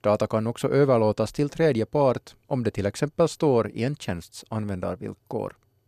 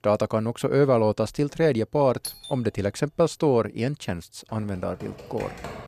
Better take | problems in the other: first | doorbell; faint; at 2 s; peak 10 dB below the speech // keyboard typing; faint; from 4.5 s on; peak 10 dB below the speech

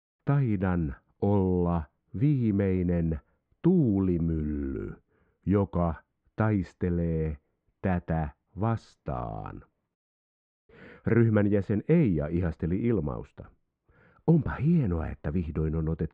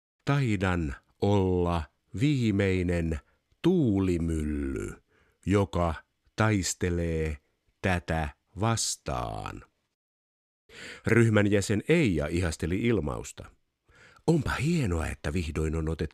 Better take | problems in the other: second | muffled; very; fading above 1 kHz

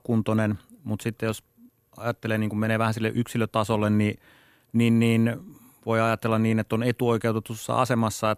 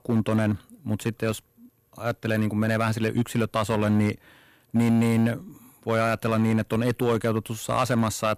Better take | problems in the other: first | distortion; slight; 5% of the sound clipped

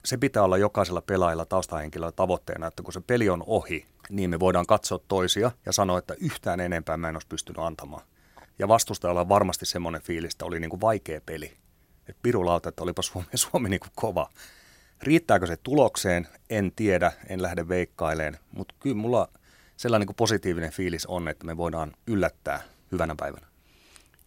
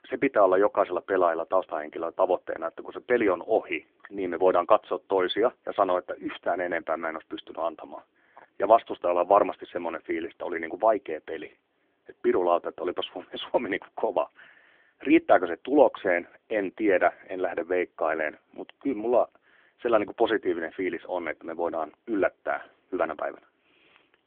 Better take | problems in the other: first | phone-call audio; nothing above 3.5 kHz

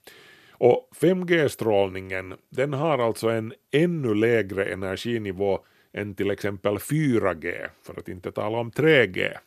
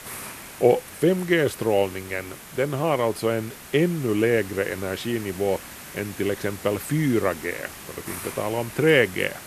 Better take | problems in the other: first | hiss; noticeable; throughout; 15 dB below the speech

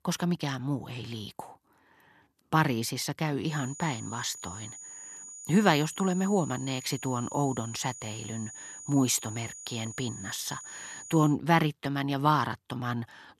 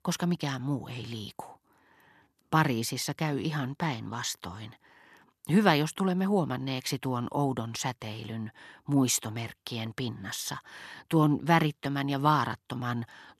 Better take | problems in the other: second | high-pitched whine; noticeable; from 3.5 to 11 s; 7 kHz, 10 dB below the speech

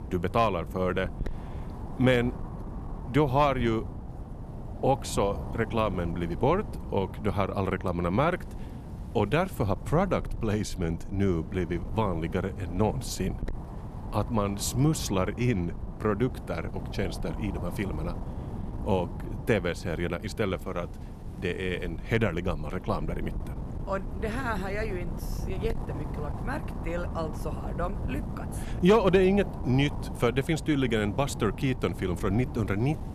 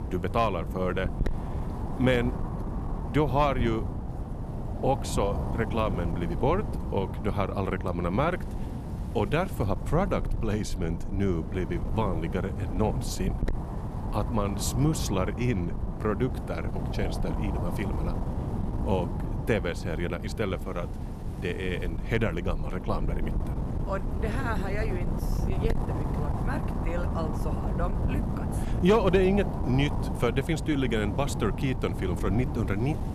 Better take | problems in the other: first | wind noise on the microphone; heavy; 9 dB below the speech; occasional gusts in the first

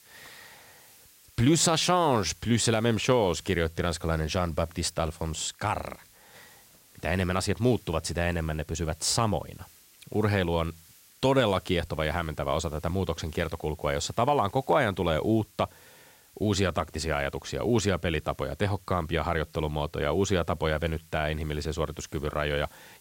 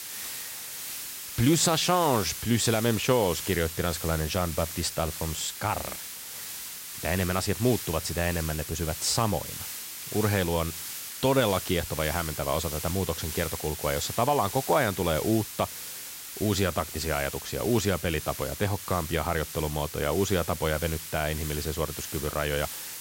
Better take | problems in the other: first | hiss; loud; throughout; 7 dB below the speech; faint in the first

